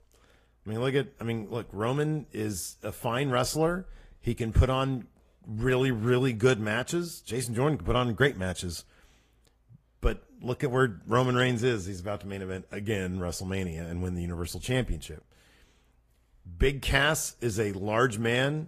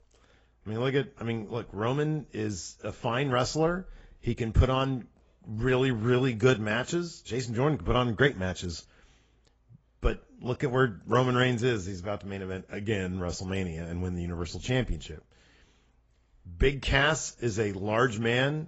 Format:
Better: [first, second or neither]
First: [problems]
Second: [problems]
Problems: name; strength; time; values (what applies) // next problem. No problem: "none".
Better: first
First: garbled, watery; slightly; nothing above 15 kHz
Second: garbled, watery; badly; nothing above 7.5 kHz